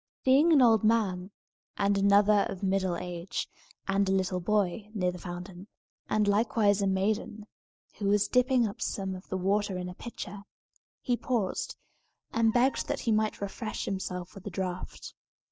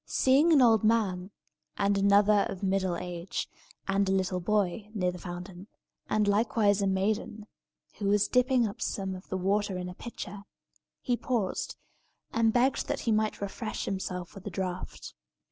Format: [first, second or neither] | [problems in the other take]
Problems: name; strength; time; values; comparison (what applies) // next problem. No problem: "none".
second | noise reduction (neural mask model DeepFilterNet 3)